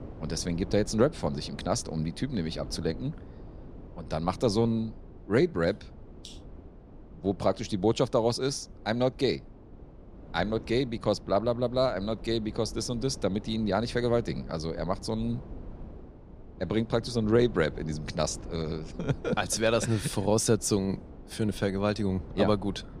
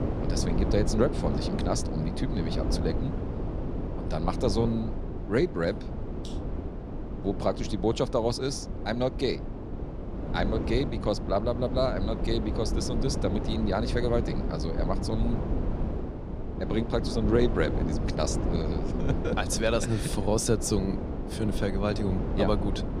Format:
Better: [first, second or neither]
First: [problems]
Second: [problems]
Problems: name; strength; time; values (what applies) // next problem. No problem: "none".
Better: first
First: wind noise on the microphone; occasional gusts; 20 dB below the speech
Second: wind noise on the microphone; heavy; 7 dB below the speech